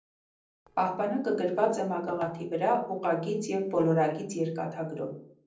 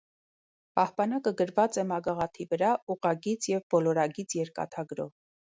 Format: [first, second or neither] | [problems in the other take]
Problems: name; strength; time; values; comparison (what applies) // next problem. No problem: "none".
second | noise reduction (neural separator model SepFormer DNS4)